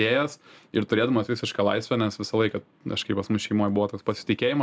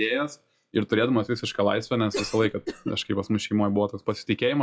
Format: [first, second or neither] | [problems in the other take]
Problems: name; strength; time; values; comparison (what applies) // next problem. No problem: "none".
first | noise reduction (classical method log-MMSE)